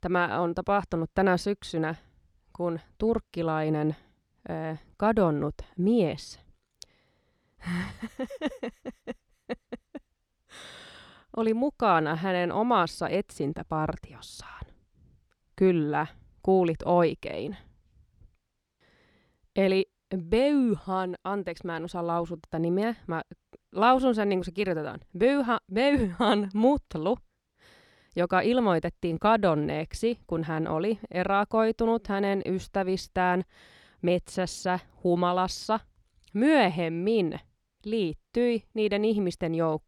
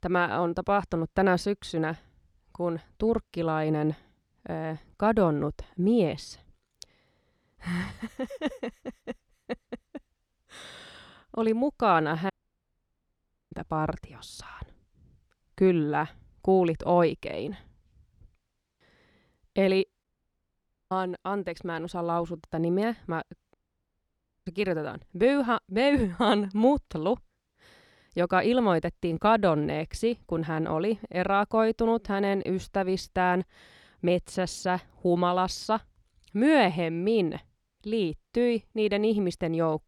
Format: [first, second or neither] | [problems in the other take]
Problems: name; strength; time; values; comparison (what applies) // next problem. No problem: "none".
first | audio cutting out; at 12 s for 1 s, at 20 s for 1 s and at 24 s for 1 s